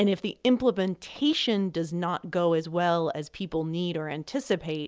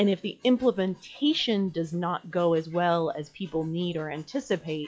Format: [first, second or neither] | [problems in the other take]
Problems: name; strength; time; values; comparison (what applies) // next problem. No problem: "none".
first | noise reduction (classical method log-MMSE)